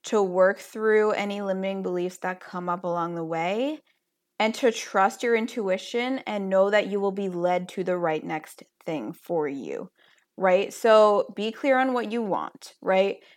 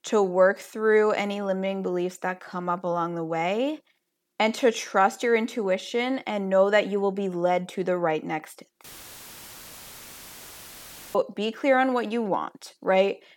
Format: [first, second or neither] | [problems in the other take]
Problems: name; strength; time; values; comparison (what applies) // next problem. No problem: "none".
first | audio cutting out; filled with static; at 9 s for 2.5 s